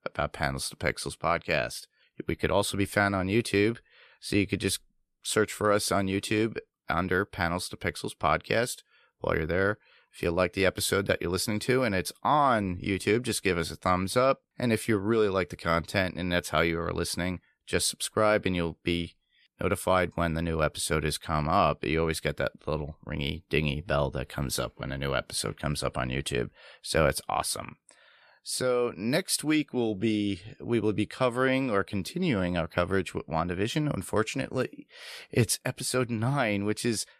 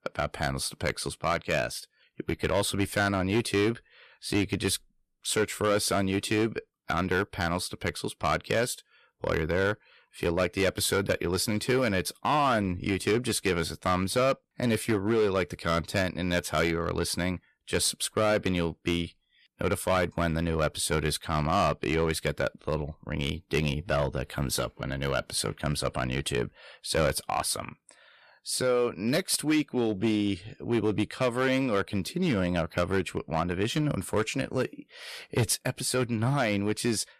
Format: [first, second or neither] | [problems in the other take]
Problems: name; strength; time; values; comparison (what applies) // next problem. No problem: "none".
first | distortion; slight; 5% of the sound clipped